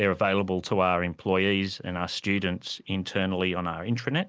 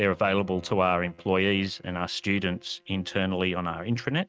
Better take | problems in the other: first | noise reduction (neural mask model RNNoise)

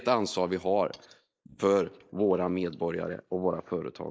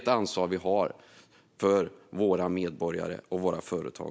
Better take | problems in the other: second | noise reduction (neural mask model Resemble Enhance denoiser)

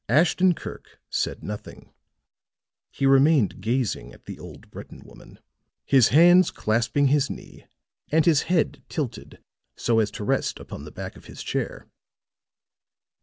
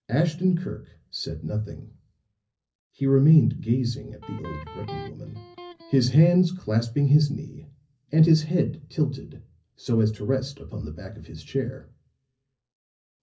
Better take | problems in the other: first | background sound (Electric guitar); 16 dB below the speech // room echo; dies away in 0.4 s

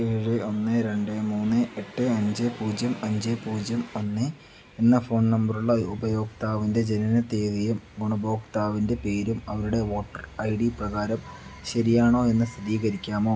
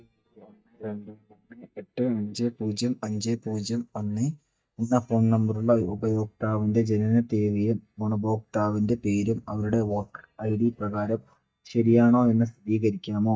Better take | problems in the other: first | noise reduction (neural mask model DeepFilterNet 3)

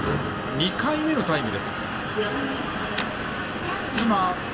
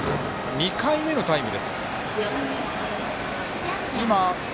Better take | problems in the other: second | background sound (Tick-tock); 13 dB below the speech // room echo; dies away in 1.6 s

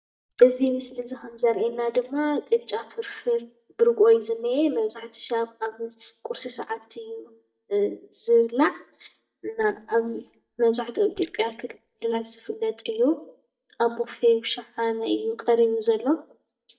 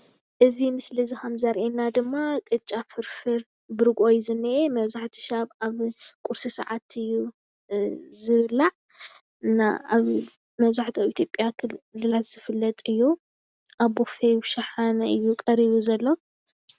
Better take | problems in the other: second | noise reduction (neural mask model DeepFilterNet 3)

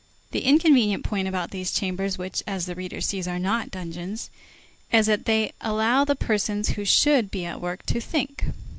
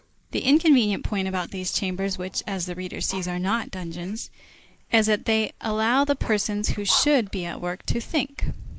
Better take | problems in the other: first | noise reduction (neural mask model Resemble Enhance denoiser)

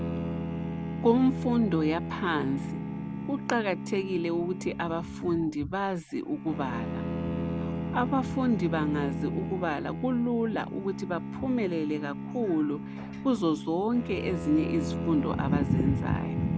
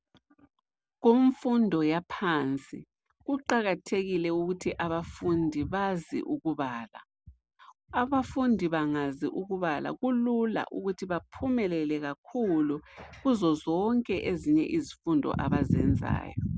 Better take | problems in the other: second | background sound (Bowed string instrument + Bowed string instrument); 5 dB below the speech

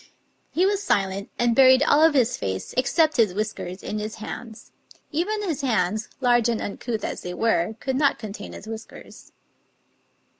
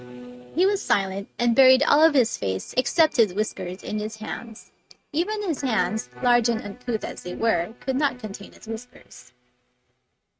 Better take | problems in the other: first | noise reduction (neural mask model RNNoise)

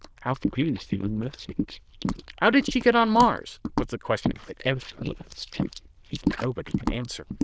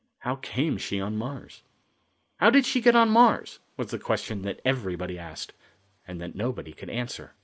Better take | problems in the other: second | noise reduction (neural diffusion model UNIVERSE++)

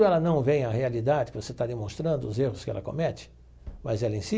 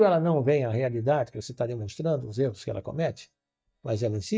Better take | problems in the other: first | noise reduction (neural mask model DeepFilterNet 3)

